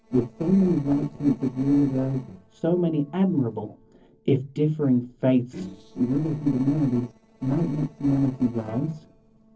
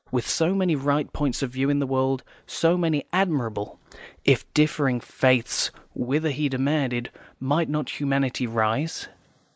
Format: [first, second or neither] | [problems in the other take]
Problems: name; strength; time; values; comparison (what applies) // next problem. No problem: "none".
second | noise reduction (neural separator model SepFormer DNS4)